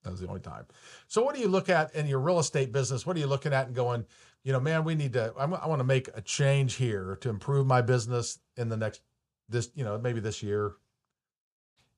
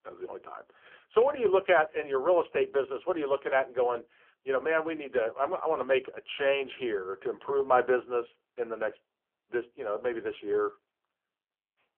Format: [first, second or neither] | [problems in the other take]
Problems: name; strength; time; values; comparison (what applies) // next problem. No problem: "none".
first | phone-call audio; poor line; nothing above 3 kHz